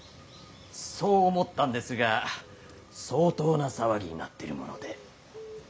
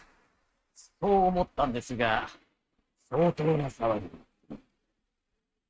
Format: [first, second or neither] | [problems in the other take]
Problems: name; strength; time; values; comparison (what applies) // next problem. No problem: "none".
first | noise reduction (neural mask model RNNoise)